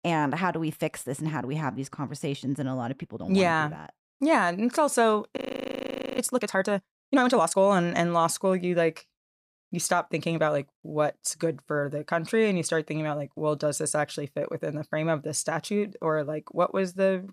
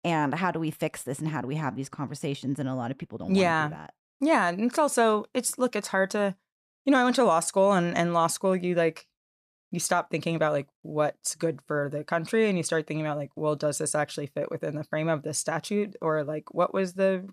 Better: second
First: audio freezing; at 5.5 s for 1 s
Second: none

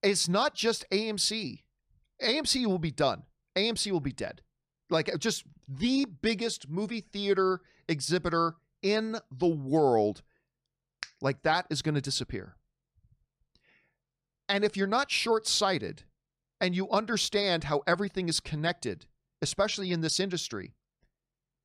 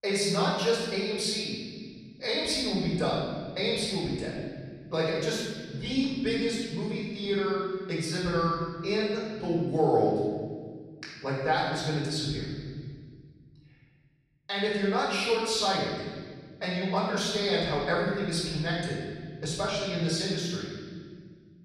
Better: first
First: none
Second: off-mic speech; far // room echo; strong; dies away in 1.8 s

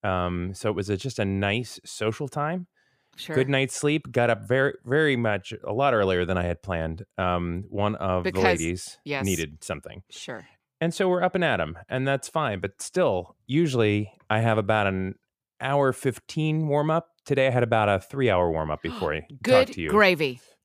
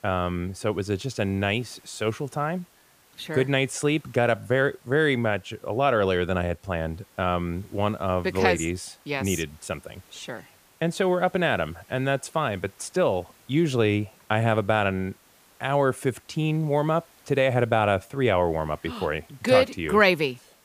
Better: first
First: none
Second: hiss; faint; throughout; 30 dB below the speech

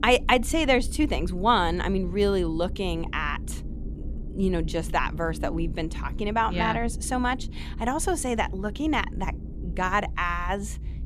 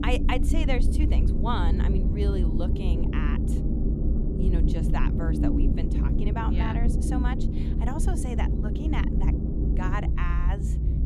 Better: first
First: low rumble; faint; throughout; 20 dB below the speech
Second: low rumble; loud; throughout; 2 dB below the speech

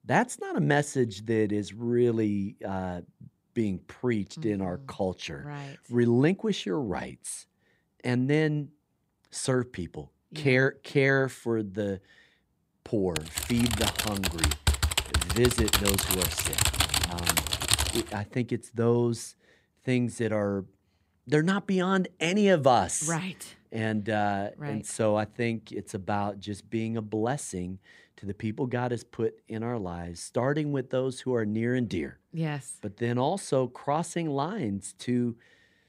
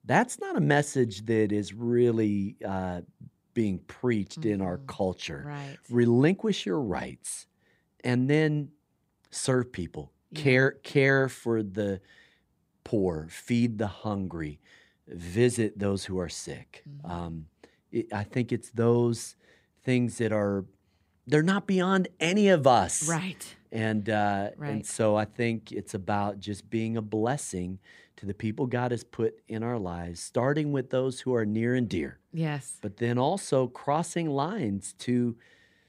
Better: second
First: keyboard typing; loud; from 13 to 18 s; peak 5 dB above the speech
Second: none

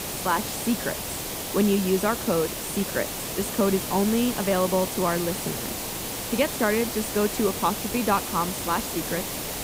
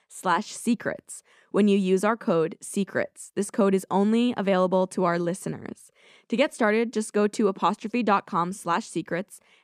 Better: second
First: hiss; loud; throughout; 4 dB below the speech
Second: none

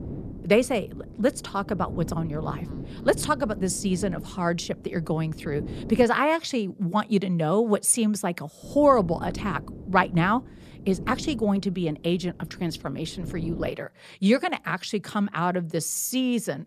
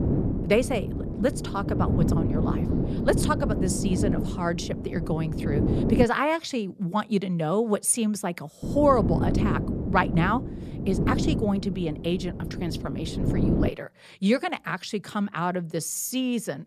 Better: first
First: wind noise on the microphone; occasional gusts; until 6 s and from 8.5 to 14 s; 20 dB below the speech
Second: wind noise on the microphone; heavy; until 6 s and from 8.5 to 14 s; 6 dB below the speech

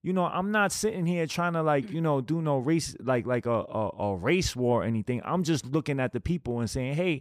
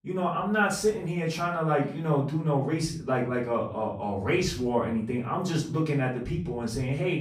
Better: first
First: none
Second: room echo; slight; dies away in 0.4 s // off-mic speech; far

